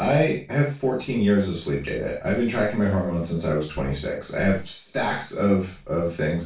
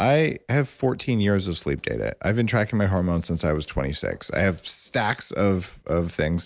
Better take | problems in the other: second | room echo; dies away in 0.3 s

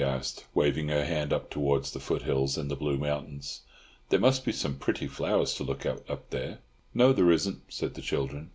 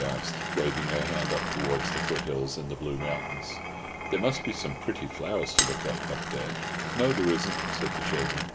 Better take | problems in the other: first | background sound (Glass); as loud as the speech

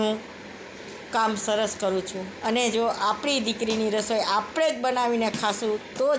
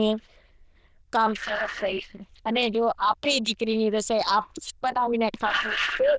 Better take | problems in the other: first | noise reduction (neural diffusion model UNIVERSE++)

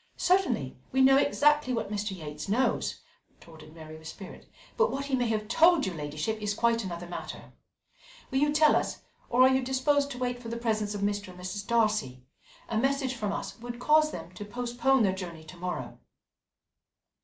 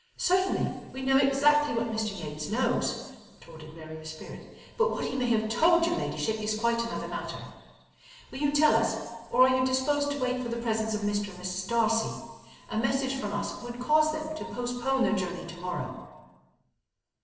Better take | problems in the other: first | room echo; dies away in 1.3 s

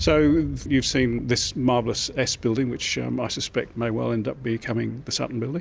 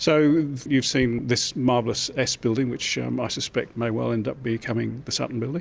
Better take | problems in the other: second | background sound (Boom); 16 dB below the speech

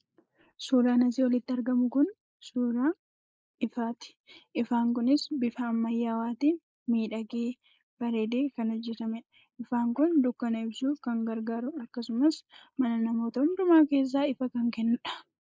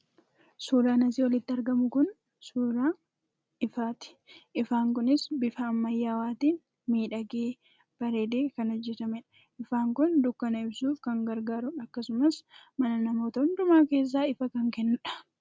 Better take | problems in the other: second | noise reduction (neural mask model Resemble Enhance denoiser)

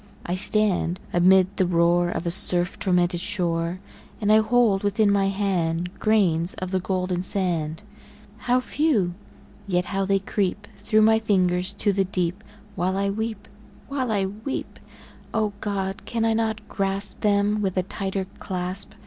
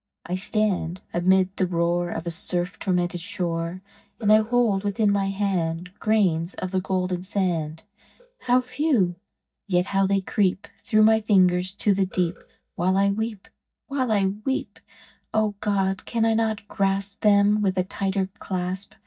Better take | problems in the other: first | noise reduction (neural mask model DeepFilterNet 3)

